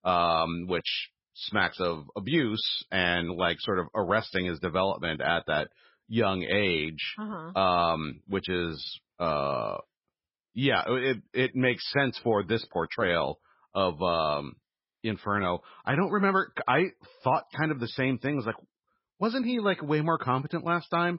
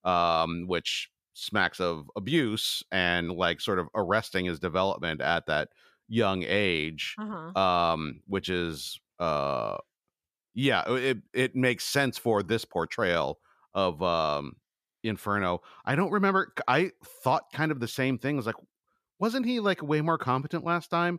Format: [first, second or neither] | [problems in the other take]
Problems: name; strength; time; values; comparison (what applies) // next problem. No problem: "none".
second | garbled, watery; badly; nothing above 5.5 kHz